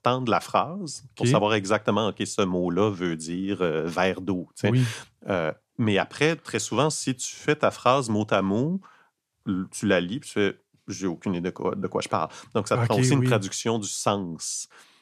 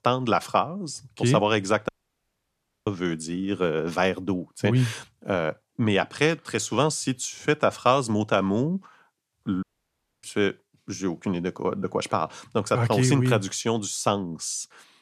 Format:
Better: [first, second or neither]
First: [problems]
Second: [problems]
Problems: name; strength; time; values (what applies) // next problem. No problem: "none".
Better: first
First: none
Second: audio cutting out; at 2 s for 1 s and at 9.5 s for 0.5 s